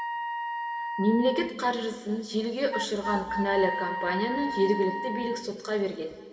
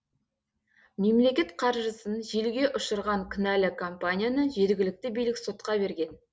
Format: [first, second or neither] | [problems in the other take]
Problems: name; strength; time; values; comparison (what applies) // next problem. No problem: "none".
second | background sound (Wind instrument, woodwind instrument); 6 dB below the speech // room echo; dies away in 2.2 s